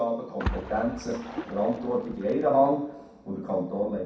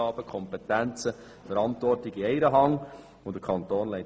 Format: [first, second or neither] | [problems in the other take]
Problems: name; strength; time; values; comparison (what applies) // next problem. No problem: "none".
second | background sound (Splash, splatter); 11 dB below the speech // room echo; dies away in 0.6 s